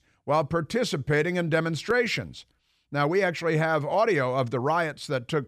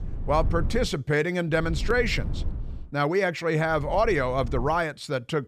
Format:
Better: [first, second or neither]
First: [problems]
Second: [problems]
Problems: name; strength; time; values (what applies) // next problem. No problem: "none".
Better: first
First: none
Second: low rumble; faint; at the start, from 1.5 to 3 s and from 3.5 to 4.5 s; 20 dB below the speech